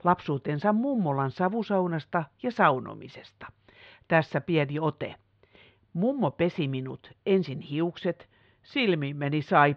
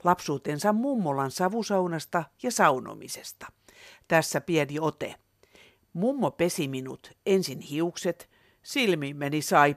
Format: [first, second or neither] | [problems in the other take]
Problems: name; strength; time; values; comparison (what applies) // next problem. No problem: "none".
second | muffled; very; fading above 3.5 kHz